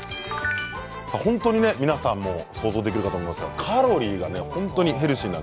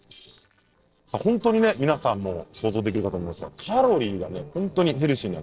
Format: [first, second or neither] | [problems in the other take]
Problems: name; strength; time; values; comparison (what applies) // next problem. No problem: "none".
first | noise reduction (neural separator model SepFormer DNS4)